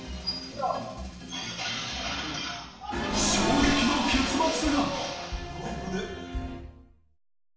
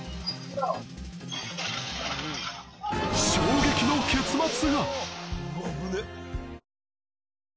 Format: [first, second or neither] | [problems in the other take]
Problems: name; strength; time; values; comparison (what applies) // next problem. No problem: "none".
second | room echo; dies away in 0.9 s